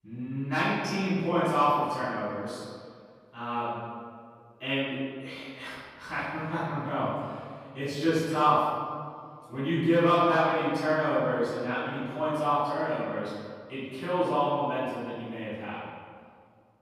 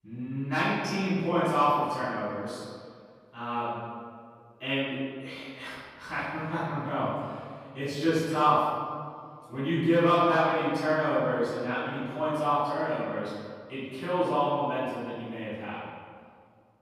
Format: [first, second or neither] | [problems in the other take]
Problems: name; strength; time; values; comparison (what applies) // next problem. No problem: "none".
neither | room echo; strong; dies away in 1.8 s; the same in both // off-mic speech; far; the same in both